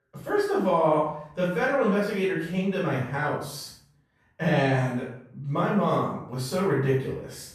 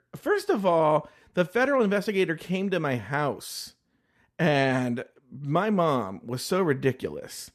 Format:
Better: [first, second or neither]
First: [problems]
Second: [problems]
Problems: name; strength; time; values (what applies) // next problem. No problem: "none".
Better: second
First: off-mic speech; far // room echo; noticeable; dies away in 0.5 s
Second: none